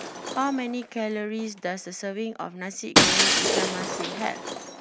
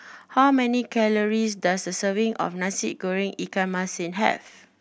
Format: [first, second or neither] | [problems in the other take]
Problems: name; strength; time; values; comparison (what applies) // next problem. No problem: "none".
second | background sound (Shatter); 4 dB above the speech